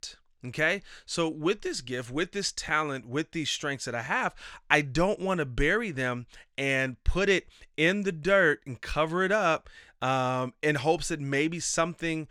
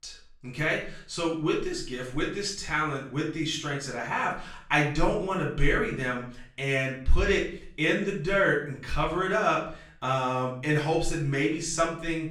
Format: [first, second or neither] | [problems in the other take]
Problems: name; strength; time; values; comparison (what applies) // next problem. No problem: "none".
first | off-mic speech; far // room echo; slight; dies away in 0.5 s